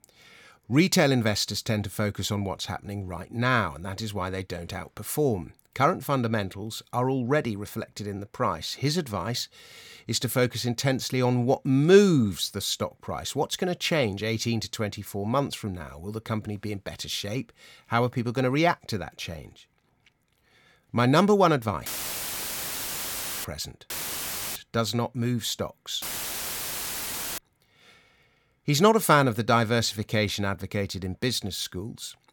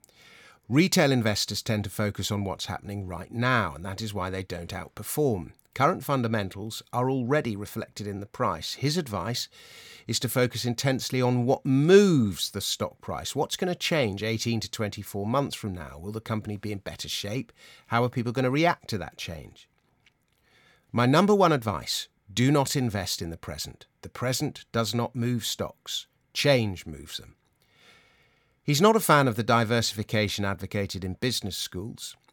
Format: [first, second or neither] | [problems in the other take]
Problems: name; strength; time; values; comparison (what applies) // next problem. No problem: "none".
second | audio cutting out; filled with static; at 22 s for 1.5 s, at 24 s for 0.5 s and at 26 s for 1.5 s